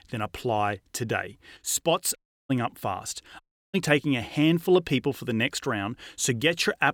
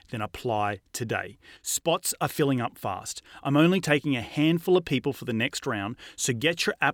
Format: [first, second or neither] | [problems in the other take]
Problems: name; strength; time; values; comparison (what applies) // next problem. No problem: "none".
second | audio cutting out; at 2 s and at 3.5 s